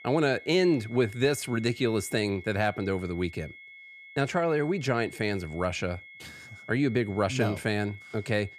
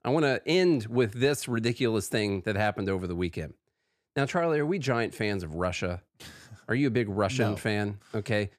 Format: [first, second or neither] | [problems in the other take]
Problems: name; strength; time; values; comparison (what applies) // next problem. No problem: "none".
second | high-pitched whine; noticeable; throughout; 2 kHz, 20 dB below the speech